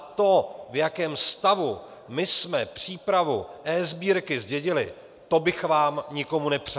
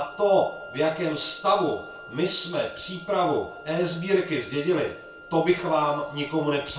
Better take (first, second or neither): first